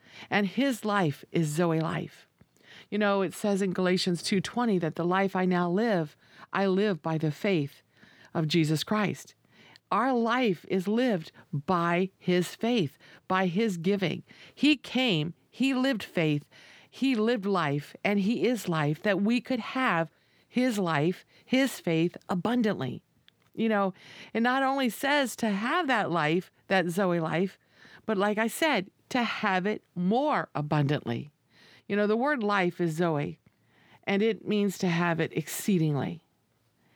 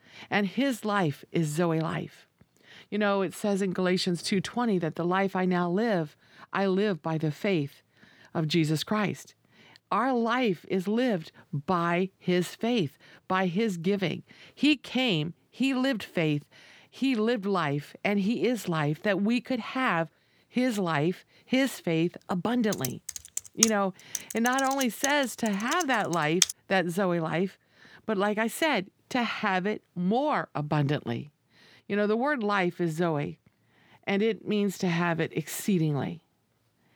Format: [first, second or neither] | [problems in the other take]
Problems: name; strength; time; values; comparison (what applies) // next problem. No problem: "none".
first | keyboard typing; loud; from 23 to 27 s; peak 3 dB above the speech